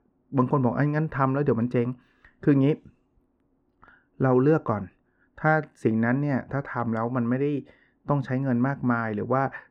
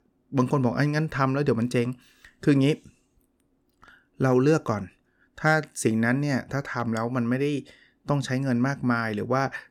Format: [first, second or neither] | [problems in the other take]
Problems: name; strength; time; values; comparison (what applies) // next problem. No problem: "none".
second | muffled; very; fading above 3.5 kHz